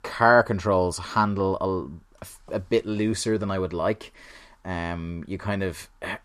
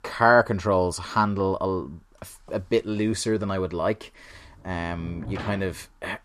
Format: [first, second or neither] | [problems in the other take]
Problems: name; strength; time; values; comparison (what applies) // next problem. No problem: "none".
first | door banging; noticeable; from 4.5 s on; peak 10 dB below the speech